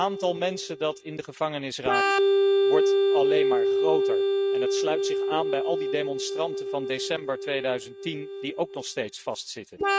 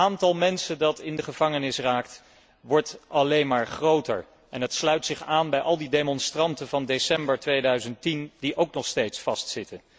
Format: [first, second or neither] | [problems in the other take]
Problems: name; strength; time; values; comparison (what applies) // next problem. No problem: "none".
second | noise reduction (neural mask model RNNoise)